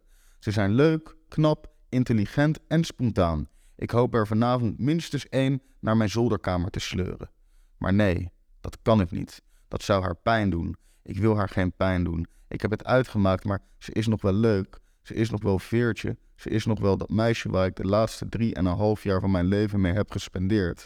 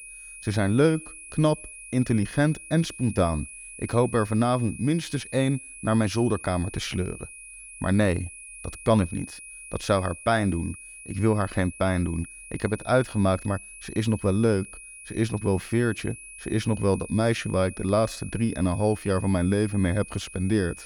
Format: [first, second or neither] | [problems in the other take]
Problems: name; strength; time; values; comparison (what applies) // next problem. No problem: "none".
first | high-pitched whine; noticeable; throughout; 2.5 kHz, 15 dB below the speech